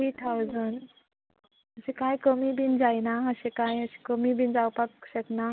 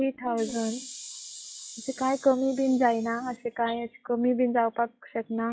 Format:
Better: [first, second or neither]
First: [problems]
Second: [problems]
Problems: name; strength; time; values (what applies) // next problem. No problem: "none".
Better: first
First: none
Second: noise reduction (classical method log-MMSE)